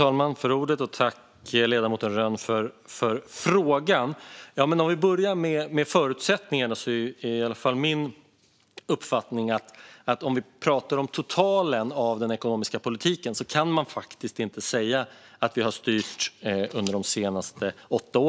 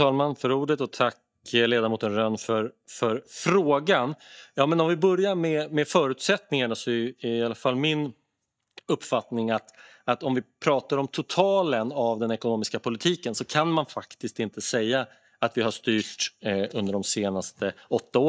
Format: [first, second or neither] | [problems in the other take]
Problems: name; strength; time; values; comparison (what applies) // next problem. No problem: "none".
first | noise reduction (neural mask model DeepFilterNet 3)